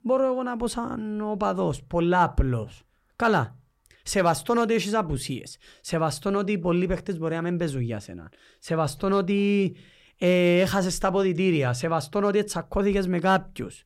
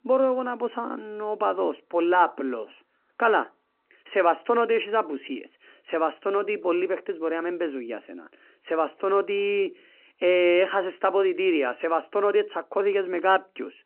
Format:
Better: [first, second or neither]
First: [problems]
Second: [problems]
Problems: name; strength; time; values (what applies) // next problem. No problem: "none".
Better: first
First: none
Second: phone-call audio